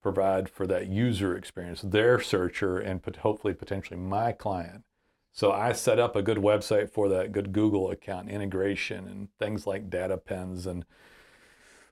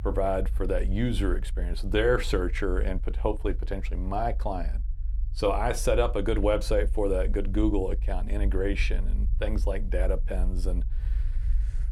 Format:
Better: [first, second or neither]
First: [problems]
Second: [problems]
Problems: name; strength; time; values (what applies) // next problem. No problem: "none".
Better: first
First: none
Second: low rumble; faint; throughout; 25 dB below the speech